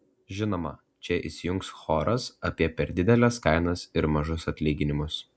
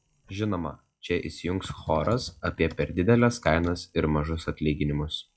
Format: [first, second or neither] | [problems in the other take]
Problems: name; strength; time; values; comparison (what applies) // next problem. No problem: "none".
first | noise reduction (classical method log-MMSE)